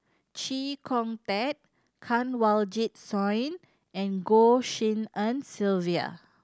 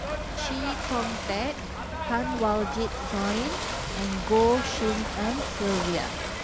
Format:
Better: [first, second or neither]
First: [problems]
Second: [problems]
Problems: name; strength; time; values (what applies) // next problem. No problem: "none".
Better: first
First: none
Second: background sound (Ocean / Boat, Water vehicle); 2 dB below the speech